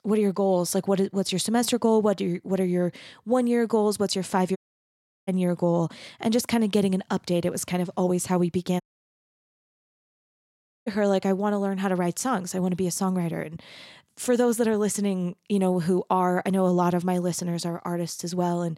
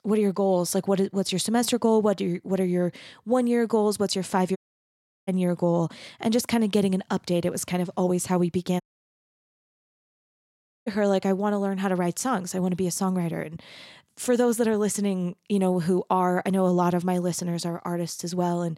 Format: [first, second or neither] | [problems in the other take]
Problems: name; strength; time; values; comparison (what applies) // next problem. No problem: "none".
neither | audio cutting out; at 4.5 s for 0.5 s and at 9 s for 2 s; the same in both